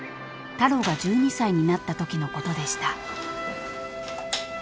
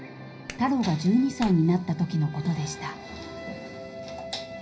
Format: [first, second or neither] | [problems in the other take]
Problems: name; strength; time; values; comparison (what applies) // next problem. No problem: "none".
first | background sound (Clapping); 19 dB below the speech // room echo; dies away in 0.5 s